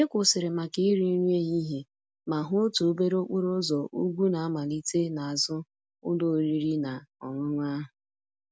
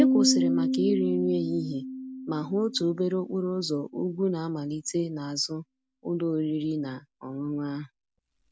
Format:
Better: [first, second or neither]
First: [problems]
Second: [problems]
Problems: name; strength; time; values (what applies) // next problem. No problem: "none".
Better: first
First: none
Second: background sound (Piano); 3 dB below the speech